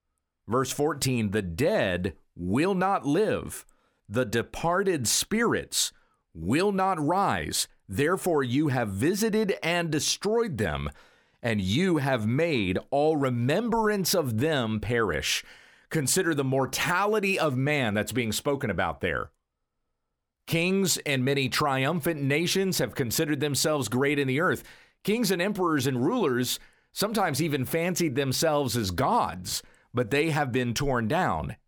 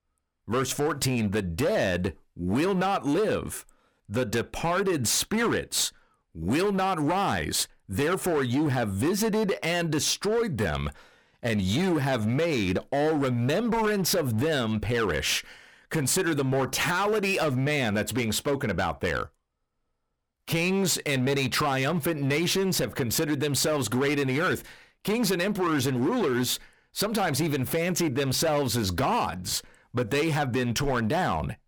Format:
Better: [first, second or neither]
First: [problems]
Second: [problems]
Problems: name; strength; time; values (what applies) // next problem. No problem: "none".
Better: first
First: none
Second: distortion; slight; 15% of the sound clipped